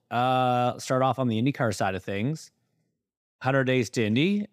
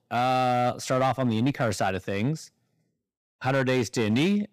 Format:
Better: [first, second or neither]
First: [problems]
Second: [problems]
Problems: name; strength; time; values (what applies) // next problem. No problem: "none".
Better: first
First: none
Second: distortion; slight; 6% of the sound clipped